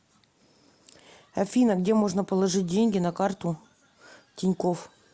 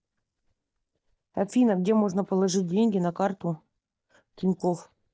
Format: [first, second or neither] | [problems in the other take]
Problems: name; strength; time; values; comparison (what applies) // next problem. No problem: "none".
first | noise reduction (neural mask model DeepFilterNet 3)